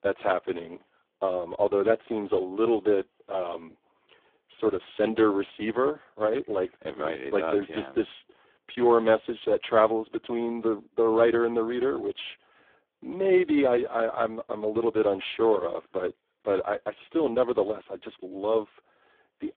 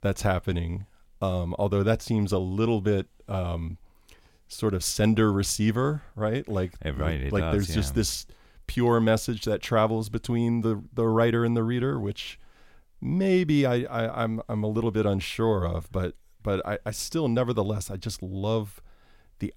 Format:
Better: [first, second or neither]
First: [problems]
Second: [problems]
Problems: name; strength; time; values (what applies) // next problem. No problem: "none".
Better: second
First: phone-call audio; poor line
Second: none